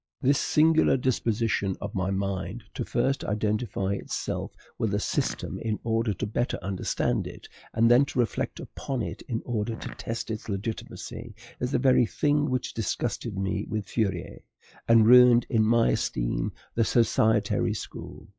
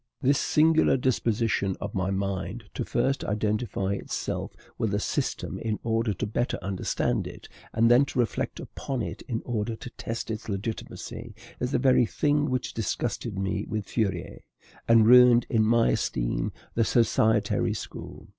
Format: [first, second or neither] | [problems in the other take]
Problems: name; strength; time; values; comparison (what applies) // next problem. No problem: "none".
second | noise reduction (classical method log-MMSE)